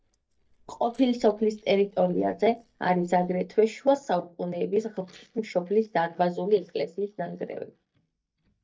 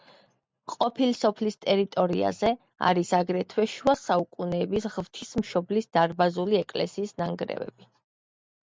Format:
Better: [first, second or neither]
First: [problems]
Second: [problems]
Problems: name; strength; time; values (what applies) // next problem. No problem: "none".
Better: second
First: noise reduction (neural mask model DeepFilterNet 3)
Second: none